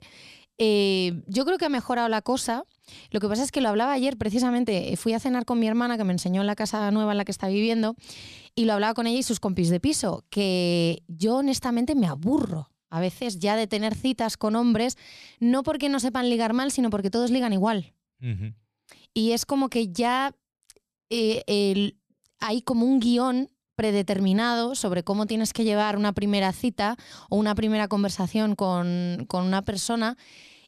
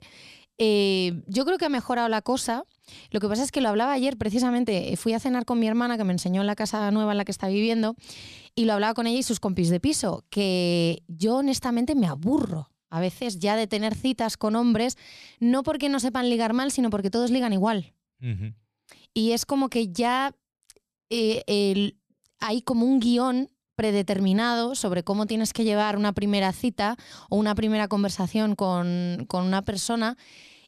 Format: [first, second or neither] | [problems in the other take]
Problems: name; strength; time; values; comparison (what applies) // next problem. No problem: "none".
neither | none